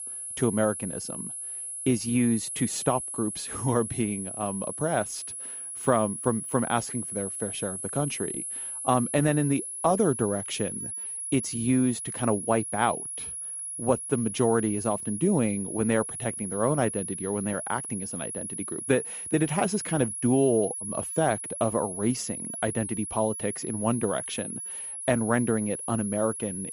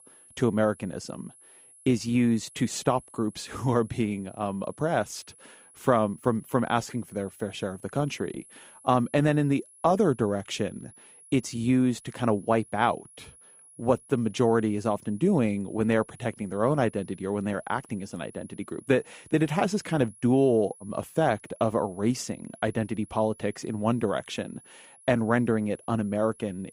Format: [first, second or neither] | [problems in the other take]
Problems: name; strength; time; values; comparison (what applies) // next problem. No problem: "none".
second | high-pitched whine; loud; throughout; 10.5 kHz, 5 dB below the speech; faint in the second